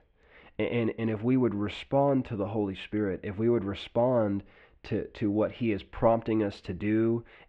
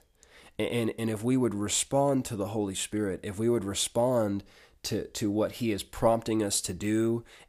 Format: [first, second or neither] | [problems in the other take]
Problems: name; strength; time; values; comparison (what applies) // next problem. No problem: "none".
second | muffled; very; fading above 2.5 kHz